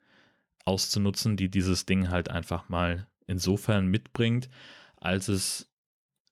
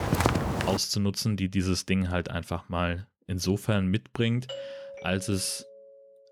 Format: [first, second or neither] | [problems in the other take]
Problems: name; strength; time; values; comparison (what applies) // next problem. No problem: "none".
first | footsteps; loud; at the start; peak 3 dB above the speech // doorbell; noticeable; from 4.5 s on; peak 10 dB below the speech